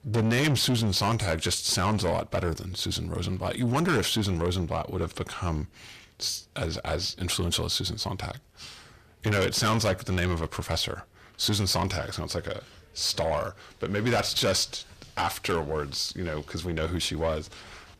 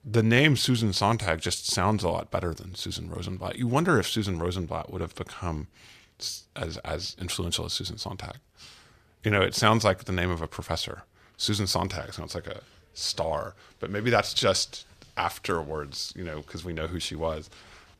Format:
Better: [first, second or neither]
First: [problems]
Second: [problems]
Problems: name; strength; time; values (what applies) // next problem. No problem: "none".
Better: second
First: distortion; heavy; 6 dB below the speech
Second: none